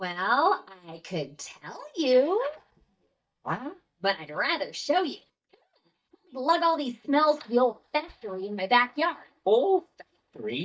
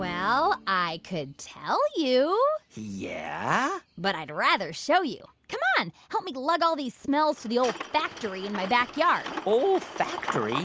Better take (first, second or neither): second